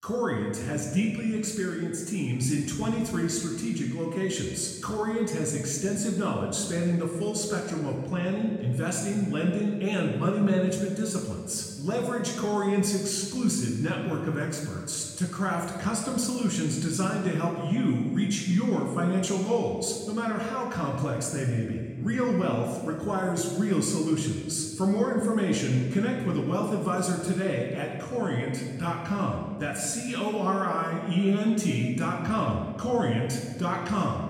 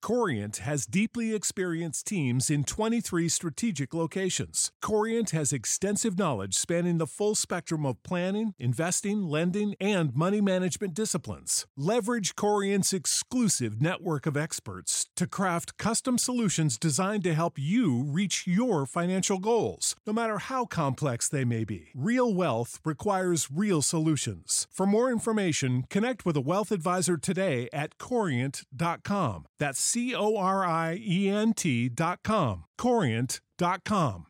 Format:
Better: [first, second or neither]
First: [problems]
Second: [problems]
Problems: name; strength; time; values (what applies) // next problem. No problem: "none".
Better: second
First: off-mic speech; somewhat distant // room echo; noticeable; dies away in 1.6 s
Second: none